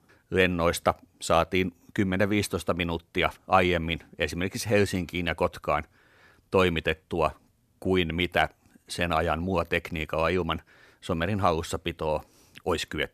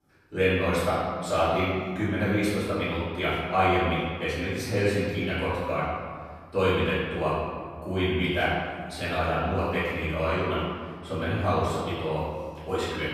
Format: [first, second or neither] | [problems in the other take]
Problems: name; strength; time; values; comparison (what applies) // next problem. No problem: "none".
first | off-mic speech; far // room echo; strong; dies away in 1.7 s